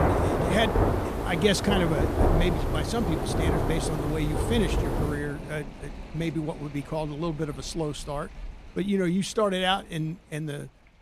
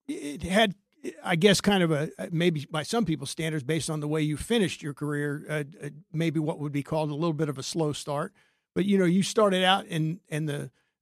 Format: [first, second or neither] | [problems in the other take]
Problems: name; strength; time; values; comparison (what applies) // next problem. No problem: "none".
second | rain or running water; very loud; throughout; 1 dB above the speech